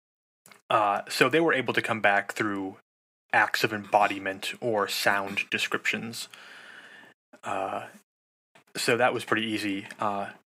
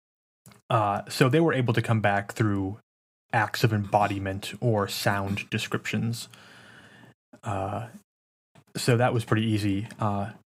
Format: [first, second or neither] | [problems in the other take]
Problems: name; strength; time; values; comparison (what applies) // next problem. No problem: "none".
second | thin; somewhat; fading below 300 Hz